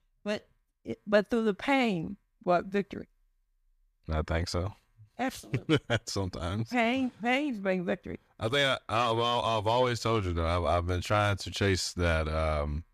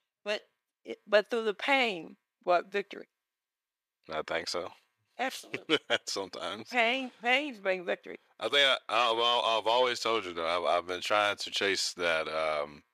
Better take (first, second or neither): first